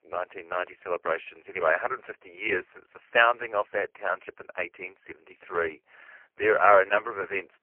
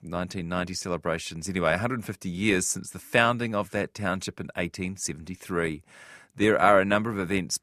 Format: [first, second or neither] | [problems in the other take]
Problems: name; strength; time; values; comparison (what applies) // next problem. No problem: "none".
second | phone-call audio; poor line; nothing above 3 kHz